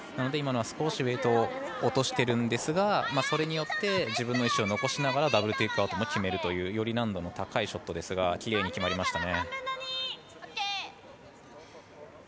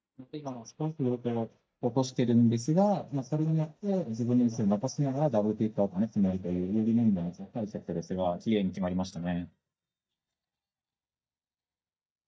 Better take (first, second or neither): first